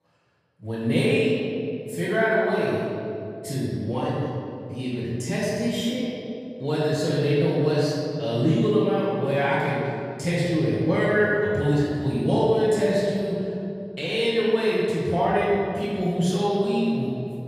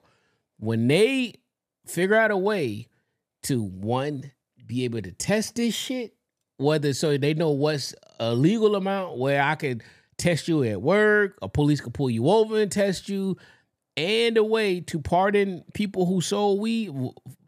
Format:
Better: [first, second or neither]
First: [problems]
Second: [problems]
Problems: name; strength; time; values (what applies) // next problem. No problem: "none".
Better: second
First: off-mic speech; far // room echo; strong; dies away in 2.4 s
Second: none